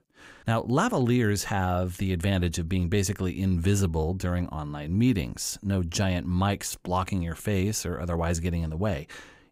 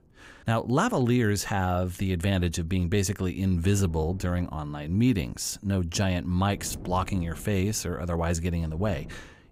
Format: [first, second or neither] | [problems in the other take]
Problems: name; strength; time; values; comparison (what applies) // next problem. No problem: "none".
first | wind noise on the microphone; occasional gusts; 25 dB below the speech